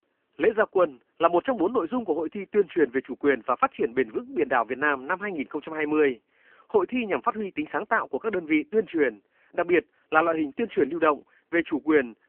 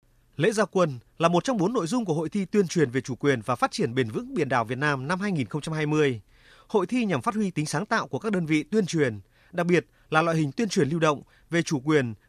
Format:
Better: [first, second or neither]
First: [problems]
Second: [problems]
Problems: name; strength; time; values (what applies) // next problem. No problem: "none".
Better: second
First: phone-call audio; poor line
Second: none